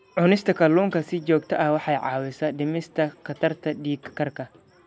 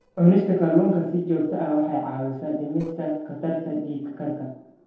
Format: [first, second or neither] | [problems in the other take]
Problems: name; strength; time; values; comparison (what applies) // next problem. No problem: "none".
first | noise reduction (neural separator model SepFormer DNS4)